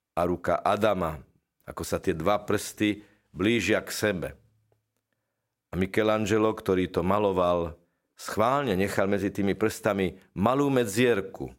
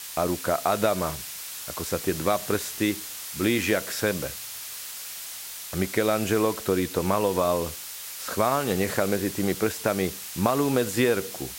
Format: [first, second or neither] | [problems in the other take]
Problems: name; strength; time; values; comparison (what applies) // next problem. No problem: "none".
first | hiss; loud; throughout; 8 dB below the speech